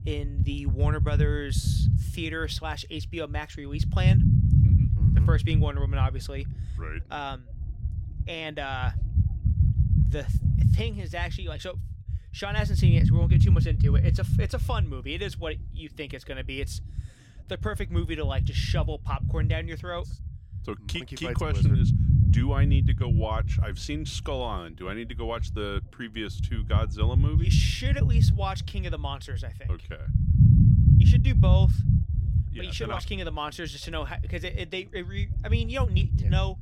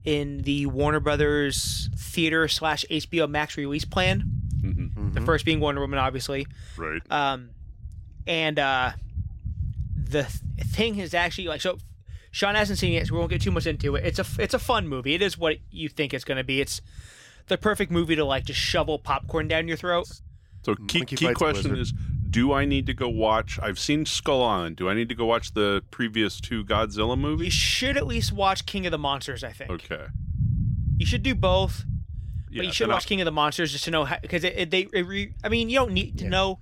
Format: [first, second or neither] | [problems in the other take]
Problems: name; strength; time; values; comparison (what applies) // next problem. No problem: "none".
second | low rumble; loud; throughout; 2 dB below the speech; faint in the second